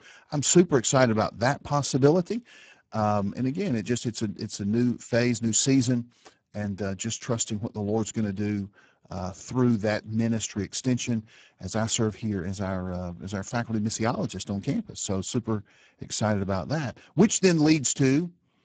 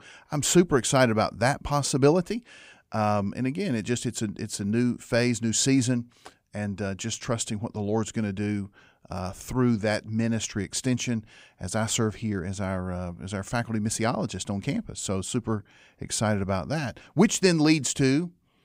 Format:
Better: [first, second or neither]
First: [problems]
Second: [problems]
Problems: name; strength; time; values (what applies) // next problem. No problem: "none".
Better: second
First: garbled, watery; badly; nothing above 7.5 kHz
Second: none